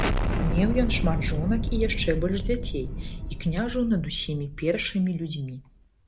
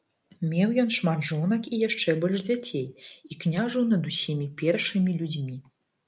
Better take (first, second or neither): second